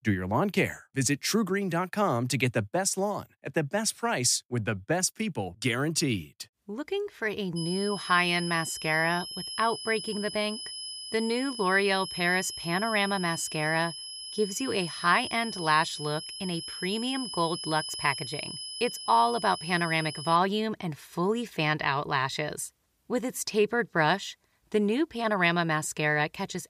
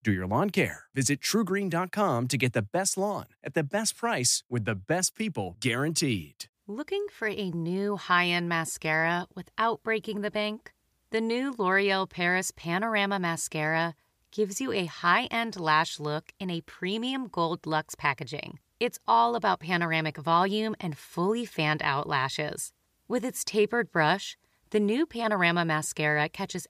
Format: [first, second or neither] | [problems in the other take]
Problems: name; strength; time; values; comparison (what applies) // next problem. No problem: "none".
second | high-pitched whine; loud; from 7.5 to 20 s; 5 kHz, 8 dB below the speech